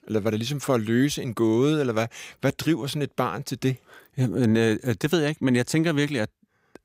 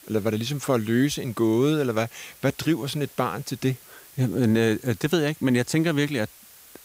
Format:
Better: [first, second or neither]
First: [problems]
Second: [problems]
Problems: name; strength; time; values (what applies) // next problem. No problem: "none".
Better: first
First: none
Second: hiss; faint; throughout; 20 dB below the speech